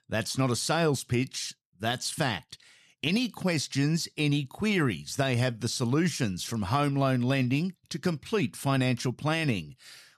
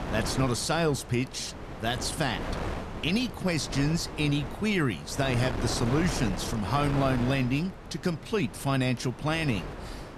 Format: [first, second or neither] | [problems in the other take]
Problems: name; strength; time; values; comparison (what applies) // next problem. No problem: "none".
first | wind noise on the microphone; heavy; 8 dB below the speech